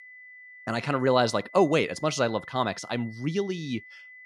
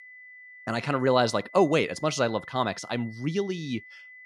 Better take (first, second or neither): neither